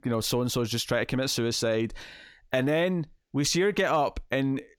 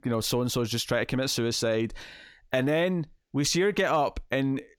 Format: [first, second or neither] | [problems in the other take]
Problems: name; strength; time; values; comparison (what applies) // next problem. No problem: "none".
neither | none